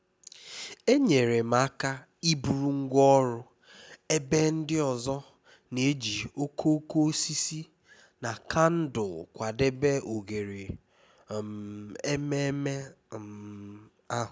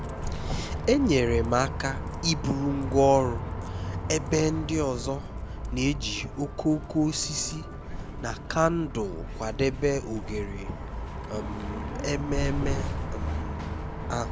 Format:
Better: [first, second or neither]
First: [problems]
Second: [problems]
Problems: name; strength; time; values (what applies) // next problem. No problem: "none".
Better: first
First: none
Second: background sound (Bus); 4 dB below the speech